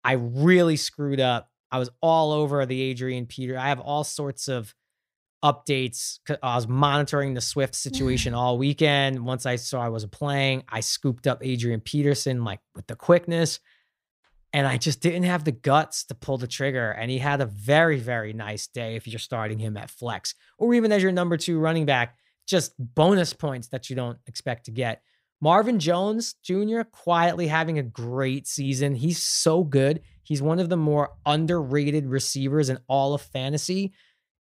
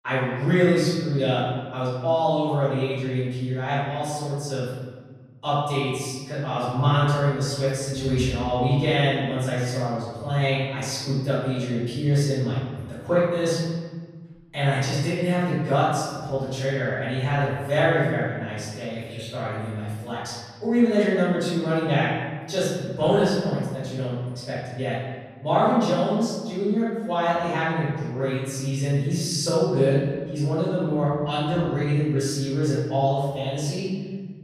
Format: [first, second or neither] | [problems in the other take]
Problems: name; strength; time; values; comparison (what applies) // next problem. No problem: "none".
first | room echo; strong; dies away in 1.4 s // off-mic speech; far